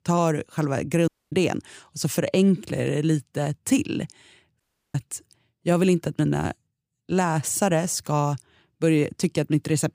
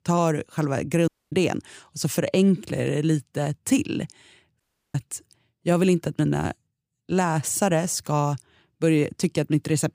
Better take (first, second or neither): neither